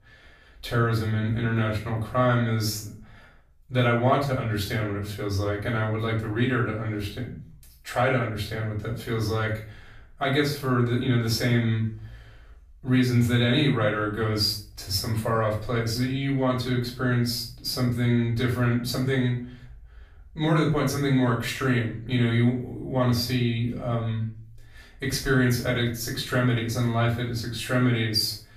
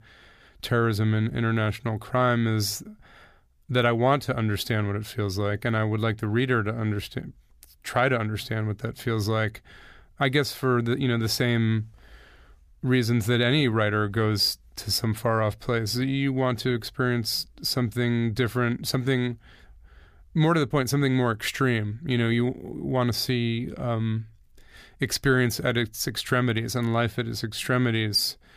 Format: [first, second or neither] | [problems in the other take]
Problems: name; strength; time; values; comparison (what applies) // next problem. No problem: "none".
second | room echo; slight; dies away in 0.4 s // off-mic speech; far